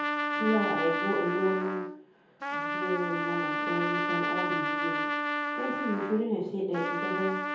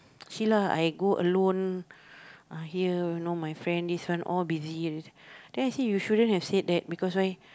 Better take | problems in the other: second | background sound (Trumpet); as loud as the speech // room echo; dies away in 0.7 s

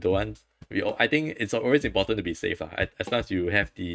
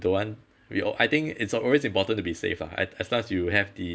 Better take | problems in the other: second | noise reduction (neural mask model RNNoise)

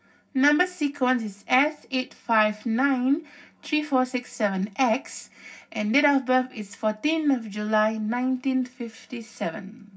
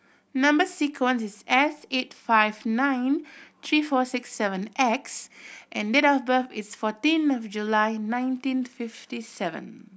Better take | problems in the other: second | room echo; dies away in 0.4 s

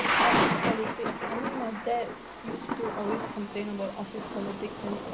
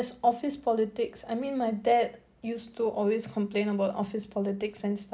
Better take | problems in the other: second | background sound (Thunder / Rain); 4 dB above the speech

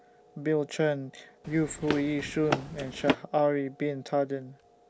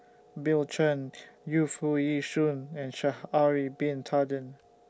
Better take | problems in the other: second | background sound (Run); 3 dB below the speech

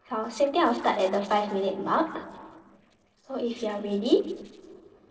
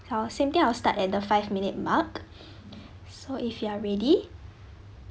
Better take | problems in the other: second | noise reduction (neural separator model SepFormer DNS4)

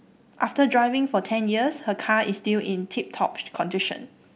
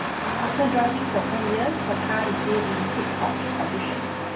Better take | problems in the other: first | background sound (Engine starting); 1 dB above the speech // room echo; dies away in 0.8 s

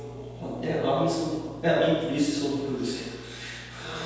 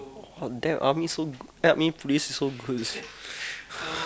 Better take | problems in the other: second | background sound (Microwave oven); 16 dB below the speech // room echo; dies away in 1.2 s

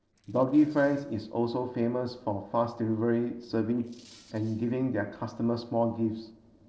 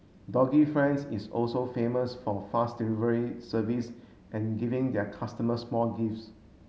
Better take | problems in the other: second | noise reduction (neural separator model SepFormer DNS4)

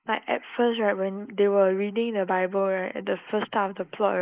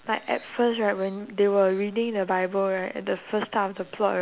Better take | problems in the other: second | noise reduction (neural mask model Resemble Enhance denoiser)

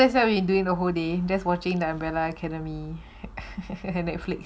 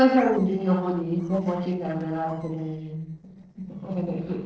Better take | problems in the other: first | noise reduction (neural separator model SepFormer DNS4)

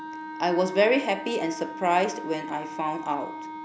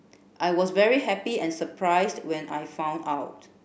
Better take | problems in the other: second | background sound (Wind instrument, woodwind instrument); 10 dB below the speech

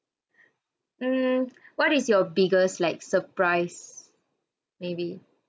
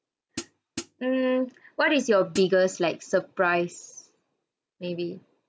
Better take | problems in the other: first | background sound (Hi-hat); 11 dB below the speech

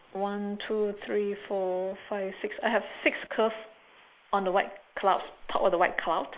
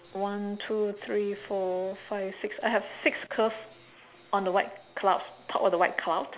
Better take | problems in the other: second | noise reduction (neural mask model Resemble Enhance denoiser)

